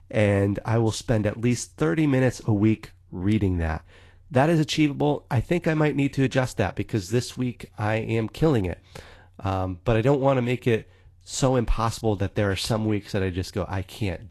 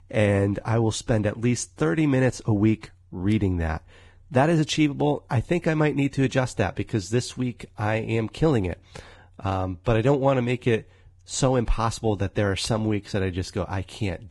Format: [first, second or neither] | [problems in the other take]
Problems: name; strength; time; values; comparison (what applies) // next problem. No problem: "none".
first | garbled, watery; badly; slightly in the first